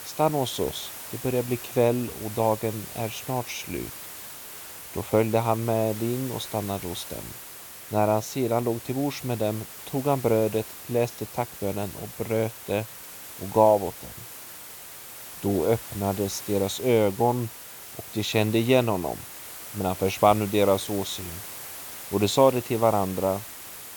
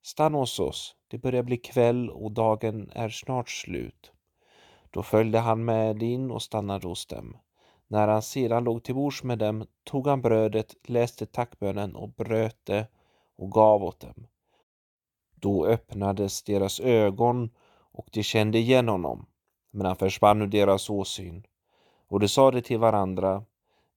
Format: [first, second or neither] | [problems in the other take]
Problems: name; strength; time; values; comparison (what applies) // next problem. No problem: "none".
second | hiss; noticeable; throughout; 10 dB below the speech